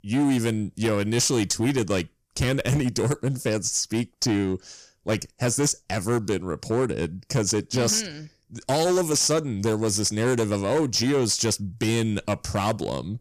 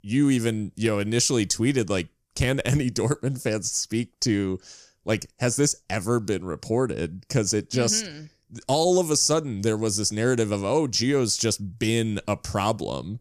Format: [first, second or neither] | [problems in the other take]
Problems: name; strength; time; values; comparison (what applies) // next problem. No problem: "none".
second | distortion; slight; 10% of the sound clipped